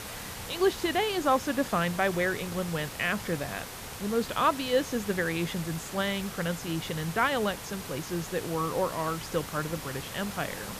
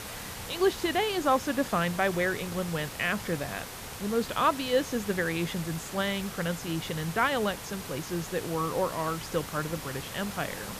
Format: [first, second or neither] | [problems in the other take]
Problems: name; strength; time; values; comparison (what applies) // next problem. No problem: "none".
neither | hiss; loud; throughout; 9 dB below the speech; the same in both